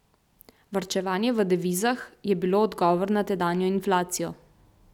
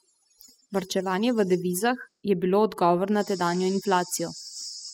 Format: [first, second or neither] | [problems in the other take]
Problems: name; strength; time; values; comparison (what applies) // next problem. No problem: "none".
first | noise reduction (classical method spectral subtraction)